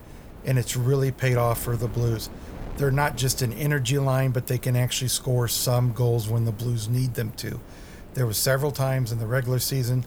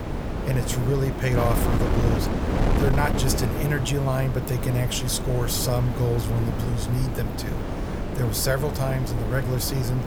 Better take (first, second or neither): first